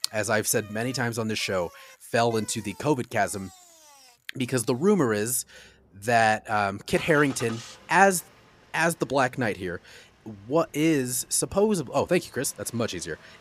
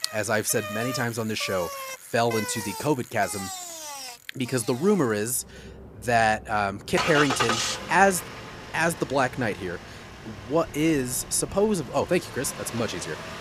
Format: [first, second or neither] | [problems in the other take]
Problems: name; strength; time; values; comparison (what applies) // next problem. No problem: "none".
first | traffic noise; loud; throughout; 8 dB below the speech; faint in the first